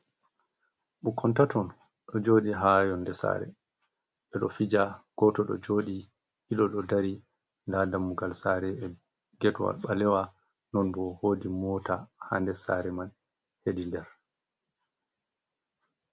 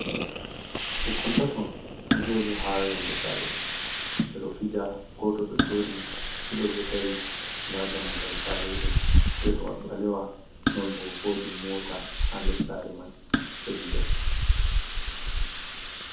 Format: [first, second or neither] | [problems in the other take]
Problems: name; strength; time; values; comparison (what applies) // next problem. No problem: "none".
first | background sound (Hiss); 5 dB above the speech // room echo; dies away in 0.5 s